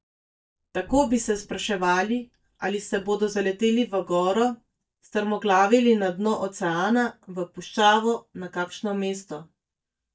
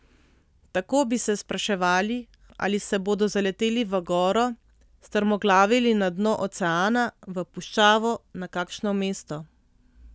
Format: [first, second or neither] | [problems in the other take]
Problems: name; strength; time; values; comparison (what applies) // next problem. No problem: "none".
second | noise reduction (neural mask model DeepFilterNet 3)